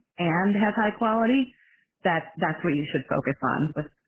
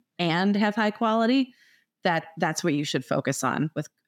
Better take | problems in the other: second | garbled, watery; badly; nothing above 3 kHz

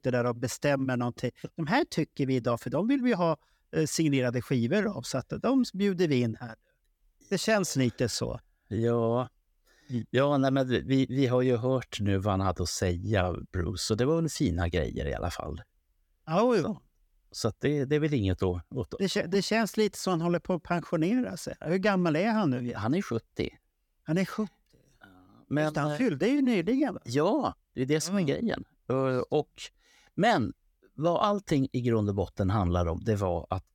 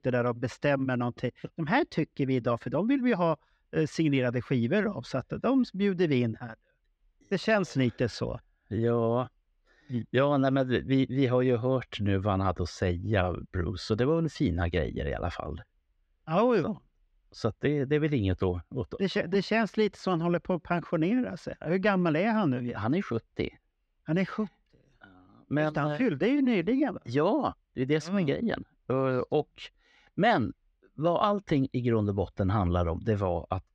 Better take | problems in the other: first | muffled; slightly; fading above 3 kHz

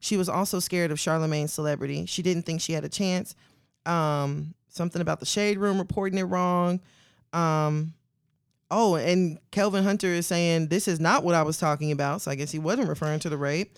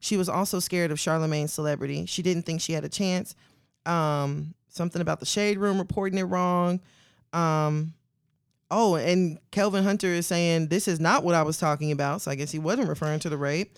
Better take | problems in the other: neither | none

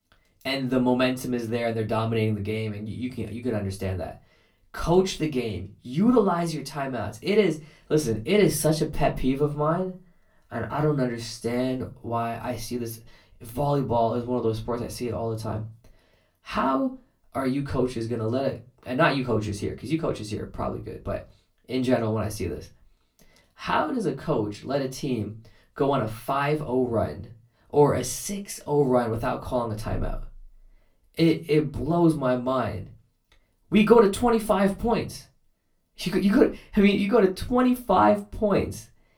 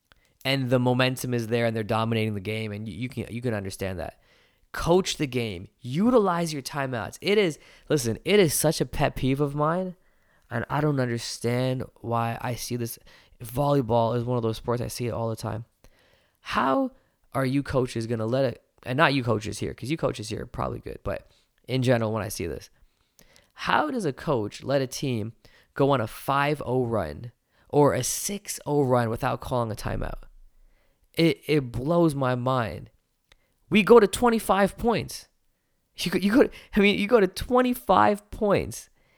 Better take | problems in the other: second | off-mic speech; far // room echo; very slight; dies away in 0.2 s

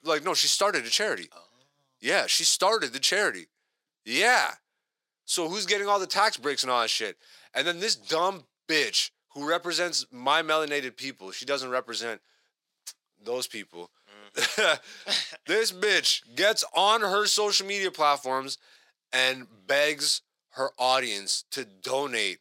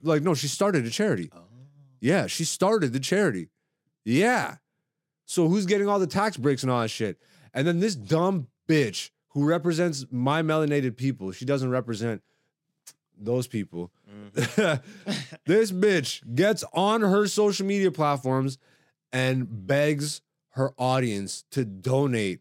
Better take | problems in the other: second | thin; very; fading below 700 Hz

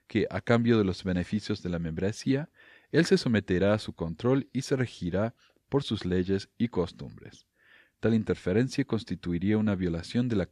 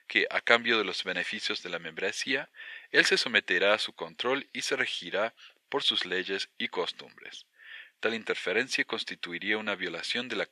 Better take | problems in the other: first | thin; very; fading below 600 Hz

